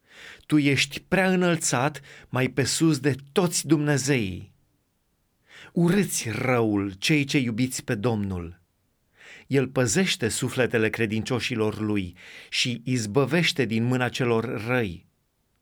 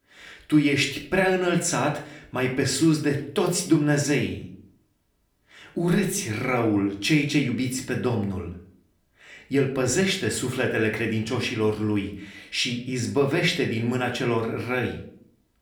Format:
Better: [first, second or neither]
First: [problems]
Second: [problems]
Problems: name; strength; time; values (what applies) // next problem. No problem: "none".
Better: first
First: none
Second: room echo; slight; dies away in 0.4 s // off-mic speech; somewhat distant